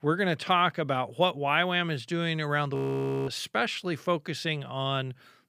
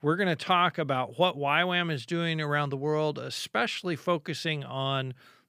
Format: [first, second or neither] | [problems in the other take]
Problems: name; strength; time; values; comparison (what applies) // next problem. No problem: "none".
second | audio freezing; at 3 s for 0.5 s